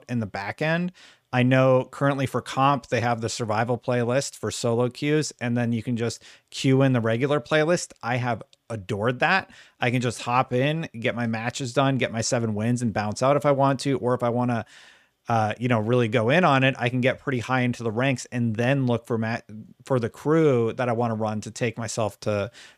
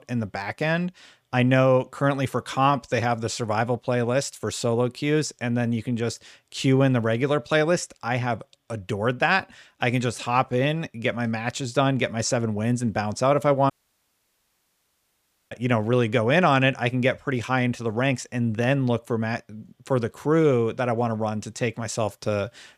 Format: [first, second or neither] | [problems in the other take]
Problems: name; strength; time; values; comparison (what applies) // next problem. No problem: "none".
first | audio cutting out; at 14 s for 2 s